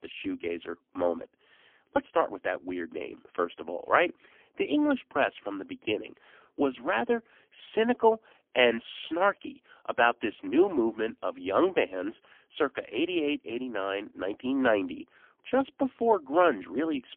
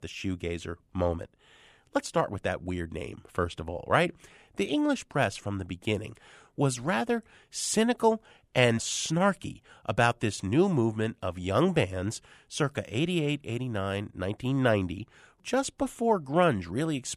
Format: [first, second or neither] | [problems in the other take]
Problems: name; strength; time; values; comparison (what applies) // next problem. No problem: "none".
second | phone-call audio; poor line; nothing above 3 kHz